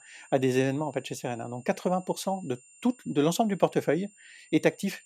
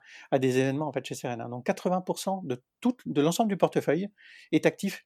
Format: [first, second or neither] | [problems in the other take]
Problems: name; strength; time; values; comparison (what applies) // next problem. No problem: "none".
second | high-pitched whine; faint; throughout; 7 kHz, 25 dB below the speech